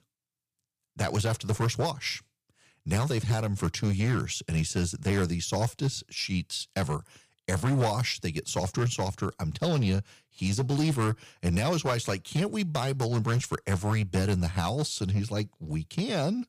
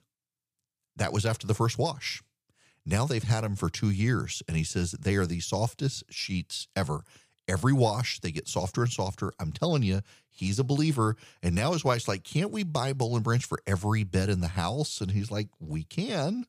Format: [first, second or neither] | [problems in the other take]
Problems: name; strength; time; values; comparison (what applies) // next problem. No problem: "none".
second | distortion; slight; 7% of the sound clipped